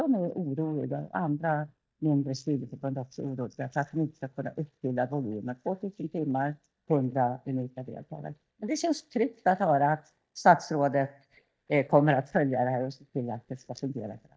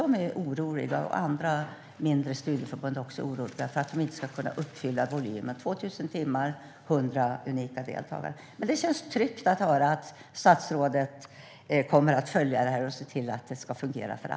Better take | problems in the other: second | noise reduction (neural mask model DeepFilterNet 3)

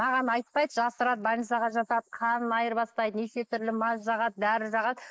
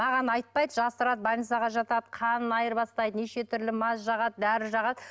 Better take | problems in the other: second | noise reduction (neural mask model Resemble Enhance denoiser)

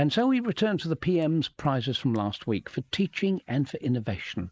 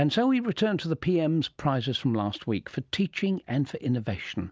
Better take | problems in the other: second | noise reduction (neural mask model Resemble Enhance denoiser)

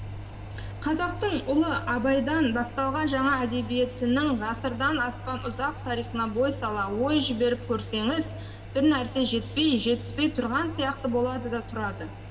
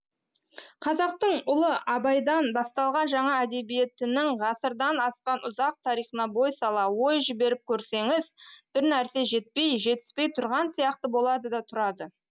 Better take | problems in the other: second | background sound (Engine); 11 dB below the speech // room echo; dies away in 3 s

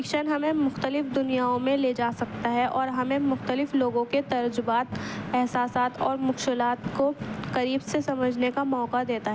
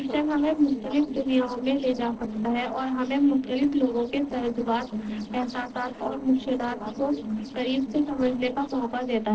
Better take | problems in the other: first | noise reduction (neural separator model SepFormer DNS4)

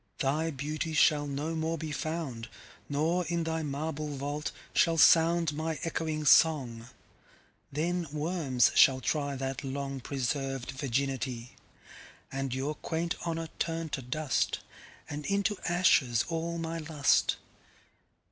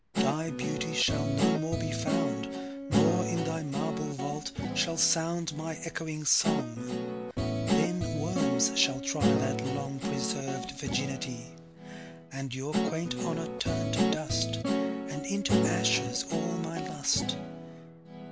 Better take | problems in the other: first | background sound (Guitar); 2 dB above the speech

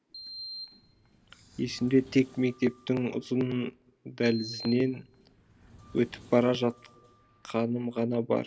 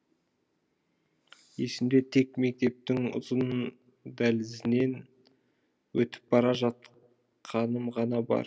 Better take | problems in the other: second | background sound (Sliding door); 19 dB below the speech

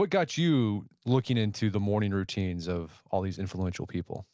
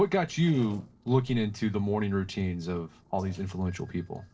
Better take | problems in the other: first | noise reduction (neural separator model SepFormer DNS4)

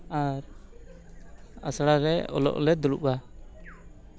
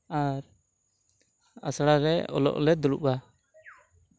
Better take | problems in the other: second | background sound (Chatter); 16 dB below the speech

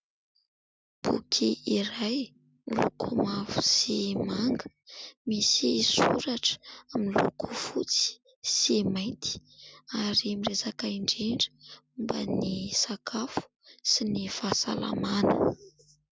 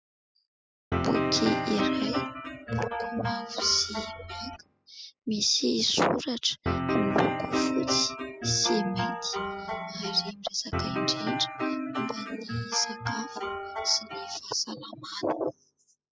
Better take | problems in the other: first | noise reduction (classical method spectral subtraction)

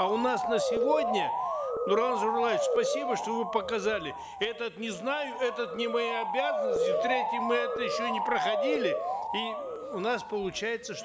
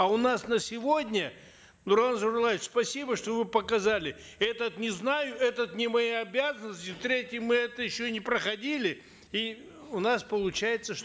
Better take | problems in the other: second | background sound (Motor vehicle (road) / Siren); 1 dB above the speech

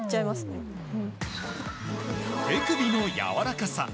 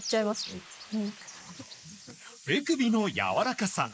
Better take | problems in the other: first | noise reduction (neural mask model Resemble Enhance denoiser)

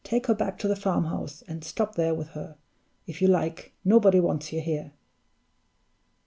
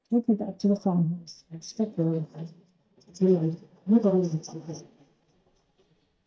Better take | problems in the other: first | noise reduction (neural mask model DeepFilterNet 3)

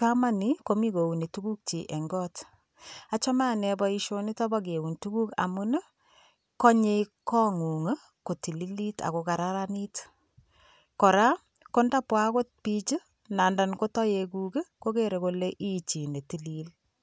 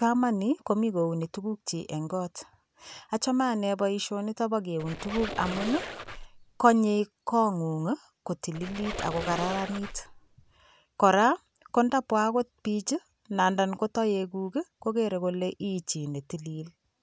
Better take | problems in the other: first | background sound (Squeak); 9 dB below the speech

